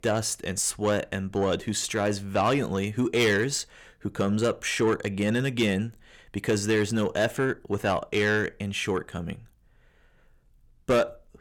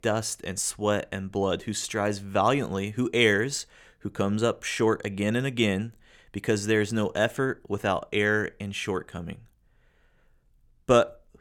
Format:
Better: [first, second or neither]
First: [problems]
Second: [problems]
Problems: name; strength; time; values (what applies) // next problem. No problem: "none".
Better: second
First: distortion; slight; 10 dB below the speech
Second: none